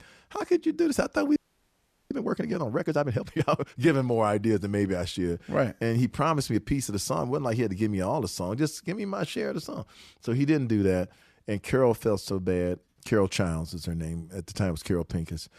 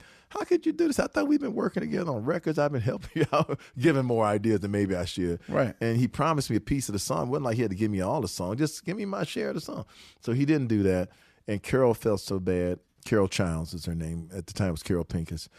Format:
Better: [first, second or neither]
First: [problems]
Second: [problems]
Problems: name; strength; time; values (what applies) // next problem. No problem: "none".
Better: second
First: audio freezing; at 1.5 s for 0.5 s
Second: none